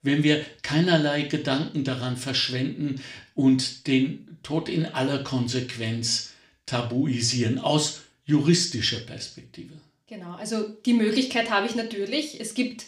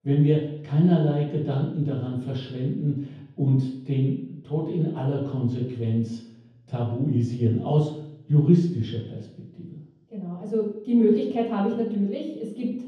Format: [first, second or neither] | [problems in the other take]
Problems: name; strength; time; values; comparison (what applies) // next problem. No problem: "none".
first | room echo; strong; dies away in 0.9 s; slight in the first // off-mic speech; far; somewhat distant in the first